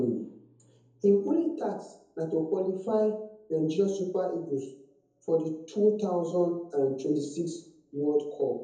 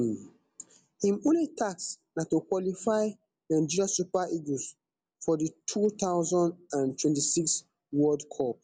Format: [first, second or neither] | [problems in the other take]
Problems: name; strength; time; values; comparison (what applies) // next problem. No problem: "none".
second | room echo; dies away in 0.7 s